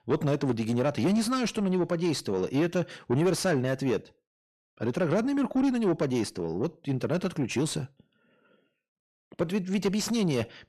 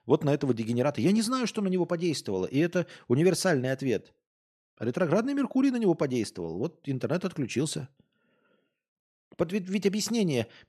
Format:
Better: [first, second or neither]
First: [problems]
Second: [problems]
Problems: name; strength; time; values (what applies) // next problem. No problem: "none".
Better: second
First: distortion; slight; 10 dB below the speech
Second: none